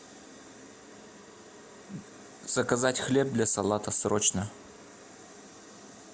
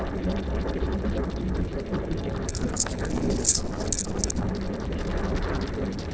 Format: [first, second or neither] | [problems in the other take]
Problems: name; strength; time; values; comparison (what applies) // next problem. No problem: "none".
first | noise reduction (neural separator model SepFormer DNS4)